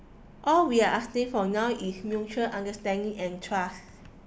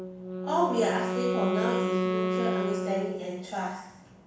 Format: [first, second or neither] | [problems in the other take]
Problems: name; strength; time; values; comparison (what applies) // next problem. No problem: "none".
first | background sound (Wind instrument, woodwind instrument); as loud as the speech // room echo; dies away in 0.7 s